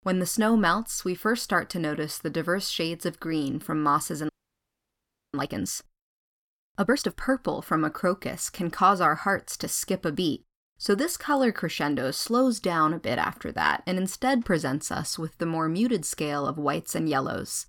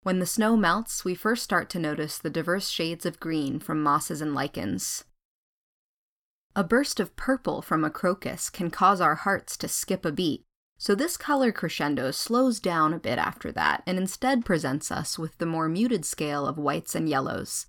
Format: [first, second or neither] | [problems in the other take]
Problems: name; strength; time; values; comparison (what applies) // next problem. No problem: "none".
second | audio freezing; at 4.5 s for 1 s